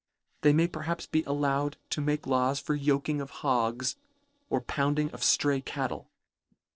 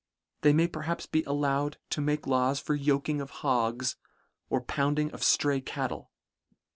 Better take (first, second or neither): second